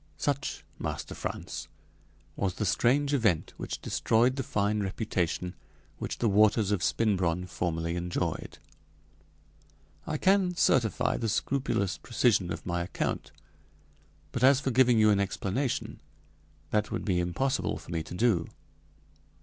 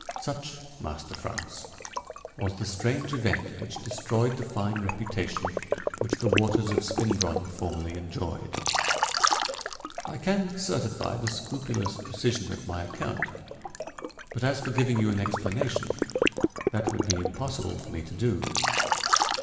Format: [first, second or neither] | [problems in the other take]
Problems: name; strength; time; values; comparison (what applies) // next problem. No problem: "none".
first | background sound (Liquid); 1 dB below the speech // room echo; dies away in 2.2 s